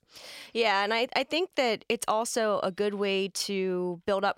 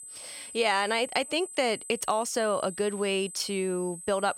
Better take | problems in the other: first | high-pitched whine; noticeable; throughout; 8 kHz, 10 dB below the speech

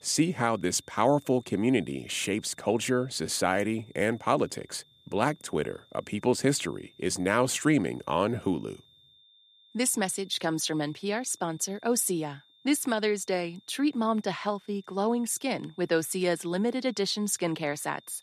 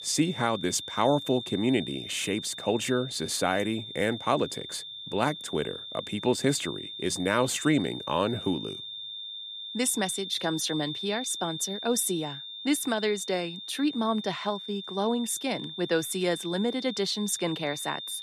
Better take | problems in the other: first | high-pitched whine; loud; throughout; 3.5 kHz, 8 dB below the speech; faint in the first

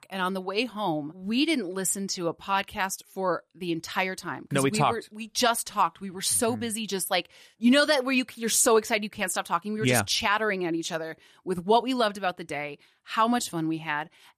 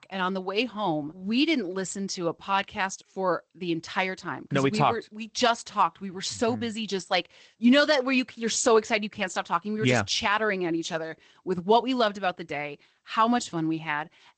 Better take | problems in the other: first | garbled, watery; slightly; nothing above 8 kHz

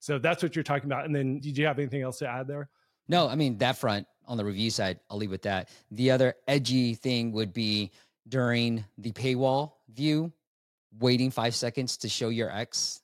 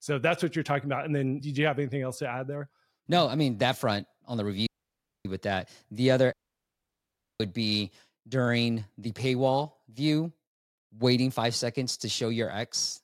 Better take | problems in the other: first | audio cutting out; at 4.5 s for 0.5 s and at 6.5 s for 1 s

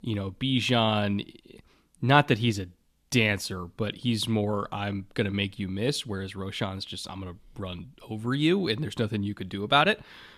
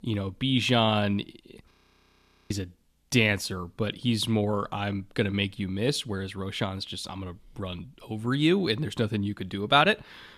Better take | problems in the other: first | audio freezing; at 1.5 s for 1 s

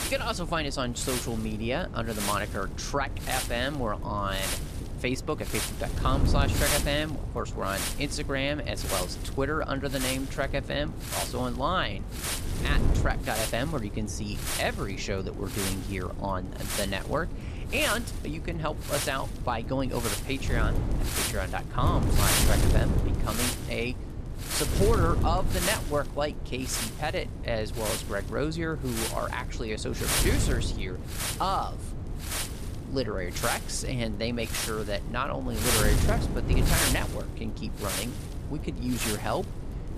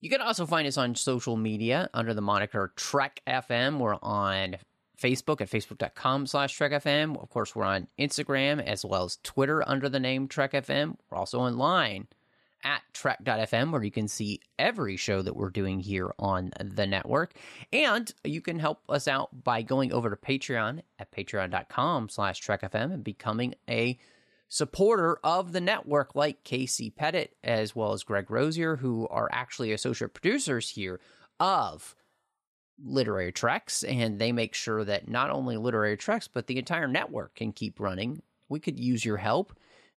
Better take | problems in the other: second | wind noise on the microphone; heavy; 2 dB below the speech

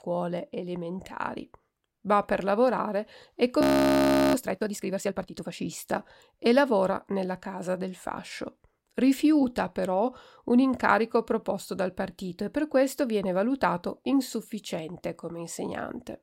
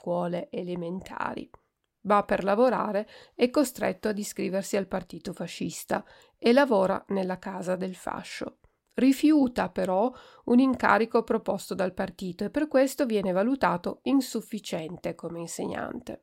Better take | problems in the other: second | audio freezing; at 3.5 s for 0.5 s

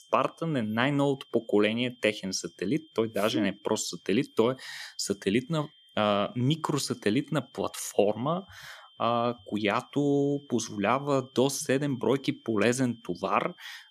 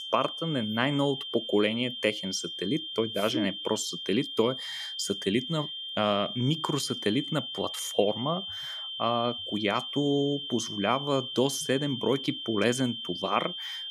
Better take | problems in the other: first | high-pitched whine; loud; throughout; 3 kHz, 5 dB below the speech; faint in the first

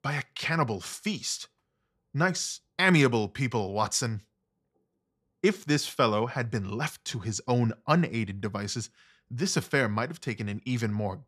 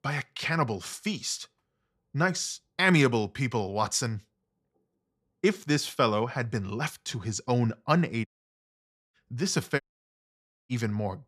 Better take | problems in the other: first | audio cutting out; at 8.5 s for 1 s and at 10 s for 1 s

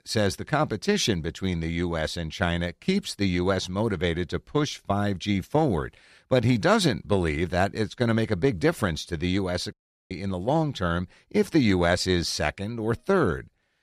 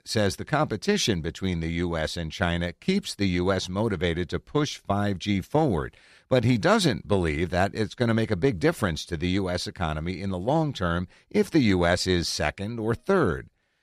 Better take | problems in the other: second | audio cutting out; at 9.5 s

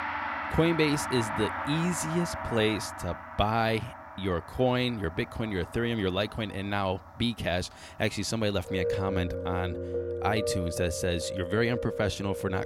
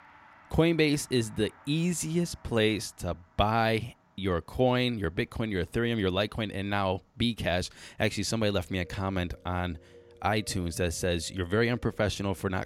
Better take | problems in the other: second | background music; loud; throughout; 6 dB below the speech; faint in the second

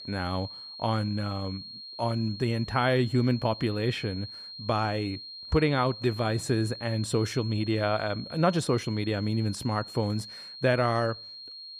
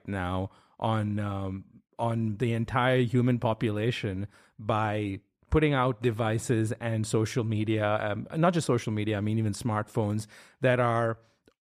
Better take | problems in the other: second | high-pitched whine; noticeable; throughout; 4 kHz, 10 dB below the speech

